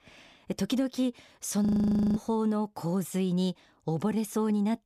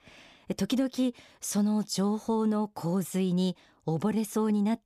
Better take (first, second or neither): second